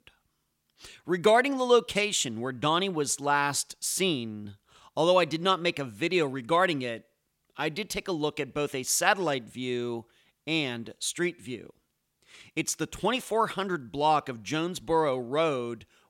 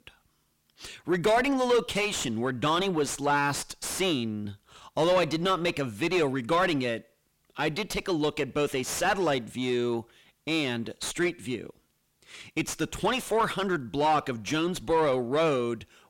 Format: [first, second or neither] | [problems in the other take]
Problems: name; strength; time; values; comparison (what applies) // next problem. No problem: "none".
first | distortion; heavy; 7 dB below the speech